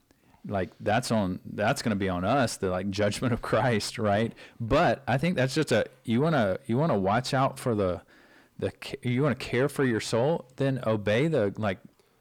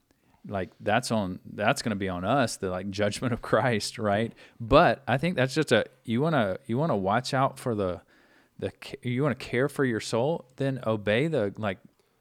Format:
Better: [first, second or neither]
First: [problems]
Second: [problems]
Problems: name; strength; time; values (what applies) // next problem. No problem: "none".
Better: second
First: distortion; slight; 10 dB below the speech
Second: none